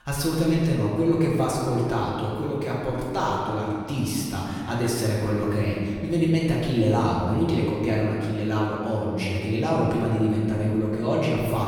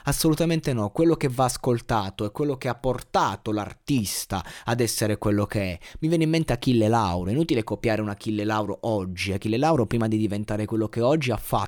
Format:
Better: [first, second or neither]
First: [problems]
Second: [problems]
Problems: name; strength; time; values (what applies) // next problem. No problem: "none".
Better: second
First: room echo; noticeable; dies away in 2.3 s // off-mic speech; far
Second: none